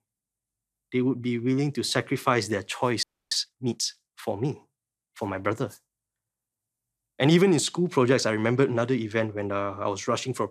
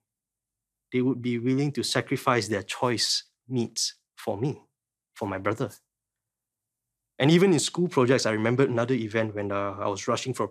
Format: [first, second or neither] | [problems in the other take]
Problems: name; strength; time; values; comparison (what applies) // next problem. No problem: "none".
second | audio freezing; at 3 s